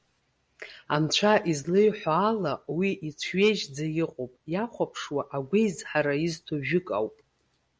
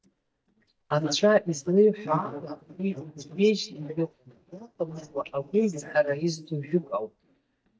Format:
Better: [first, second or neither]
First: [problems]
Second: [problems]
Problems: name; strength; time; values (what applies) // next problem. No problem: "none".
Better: first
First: none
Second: noise reduction (neural mask model DeepFilterNet 3)